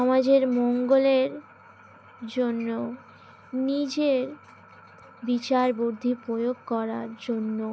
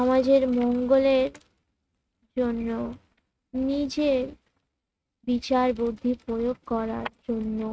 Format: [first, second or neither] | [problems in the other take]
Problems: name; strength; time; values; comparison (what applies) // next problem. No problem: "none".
first | noise reduction (neural mask model RNNoise)